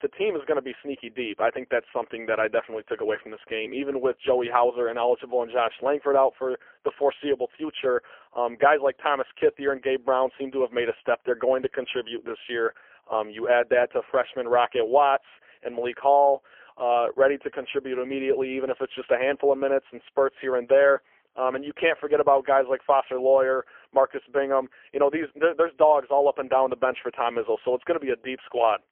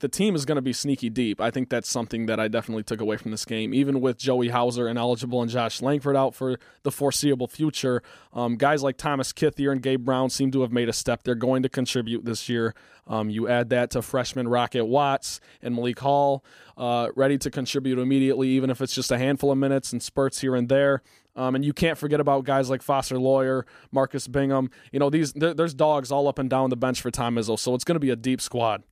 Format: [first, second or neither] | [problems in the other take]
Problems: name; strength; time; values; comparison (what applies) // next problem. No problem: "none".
second | phone-call audio; poor line; nothing above 3.5 kHz